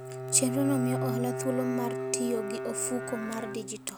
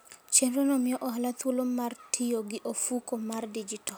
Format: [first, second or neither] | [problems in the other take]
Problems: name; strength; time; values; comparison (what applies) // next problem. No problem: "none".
second | background sound (Bowed string instrument); 3 dB below the speech